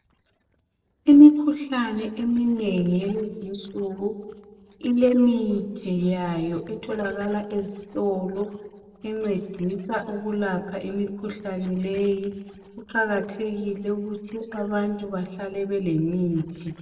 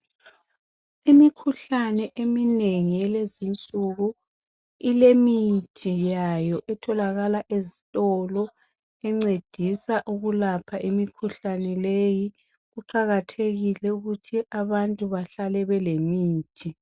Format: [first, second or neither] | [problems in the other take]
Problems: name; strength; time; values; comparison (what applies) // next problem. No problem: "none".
second | noise reduction (neural separator model SepFormer DNS4)